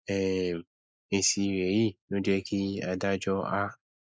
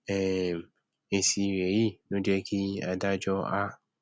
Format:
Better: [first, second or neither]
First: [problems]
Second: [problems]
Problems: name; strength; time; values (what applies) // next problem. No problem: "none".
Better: second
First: noise reduction (neural mask model Resemble Enhance denoiser)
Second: none